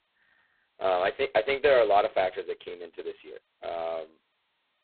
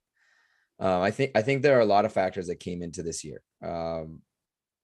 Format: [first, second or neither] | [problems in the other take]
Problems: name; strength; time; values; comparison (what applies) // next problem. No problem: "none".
second | phone-call audio; poor line; nothing above 4 kHz